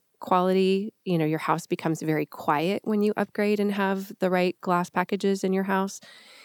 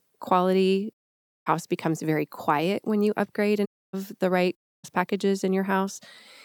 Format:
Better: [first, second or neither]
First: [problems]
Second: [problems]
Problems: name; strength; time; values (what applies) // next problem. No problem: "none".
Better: first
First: none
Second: audio cutting out; at 1 s for 0.5 s, at 3.5 s and at 4.5 s